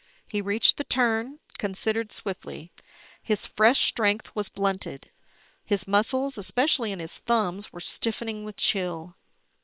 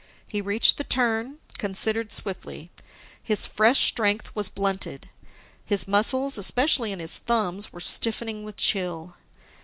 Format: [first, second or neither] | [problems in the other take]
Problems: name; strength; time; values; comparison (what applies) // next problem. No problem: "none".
second | noise reduction (neural separator model SepFormer WHAM!)